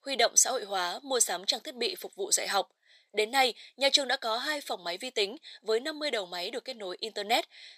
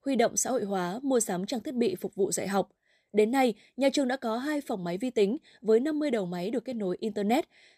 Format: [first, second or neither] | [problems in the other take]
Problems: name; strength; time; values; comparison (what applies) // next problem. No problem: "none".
second | thin; very; fading below 750 Hz